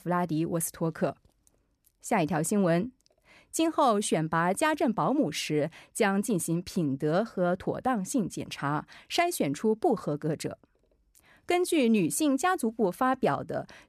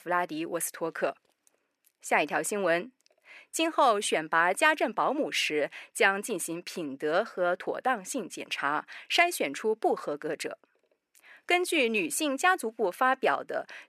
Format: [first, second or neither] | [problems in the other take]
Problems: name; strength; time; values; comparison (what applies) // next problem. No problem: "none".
first | thin; somewhat; fading below 450 Hz